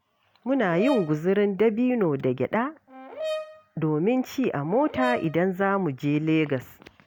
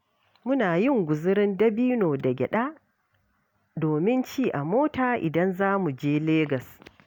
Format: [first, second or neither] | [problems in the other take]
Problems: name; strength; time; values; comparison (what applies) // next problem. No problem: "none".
second | background sound (Brass instrument); 12 dB below the speech